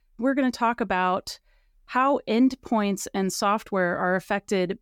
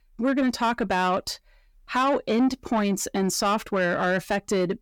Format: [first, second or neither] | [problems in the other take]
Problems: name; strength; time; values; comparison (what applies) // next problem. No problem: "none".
first | distortion; slight; 10 dB below the speech